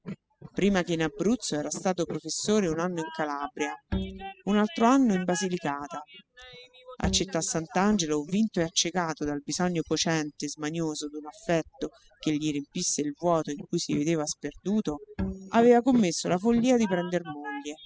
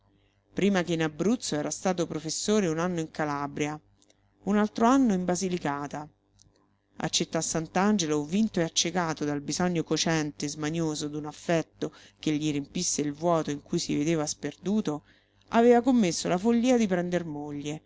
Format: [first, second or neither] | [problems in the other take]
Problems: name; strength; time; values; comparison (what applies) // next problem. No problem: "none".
second | noise reduction (classical method spectral subtraction)